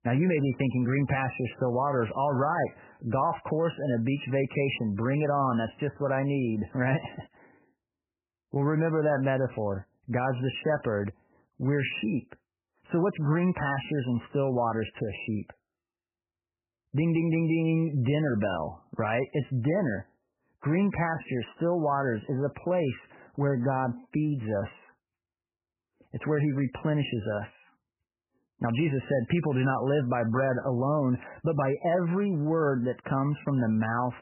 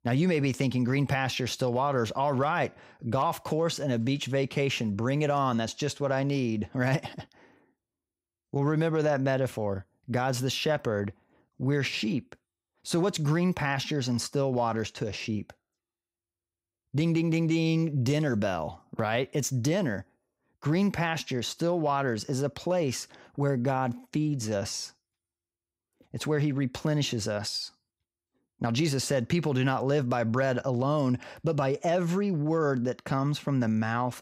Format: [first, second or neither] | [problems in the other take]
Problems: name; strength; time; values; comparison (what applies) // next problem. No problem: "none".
second | garbled, watery; badly; nothing above 3 kHz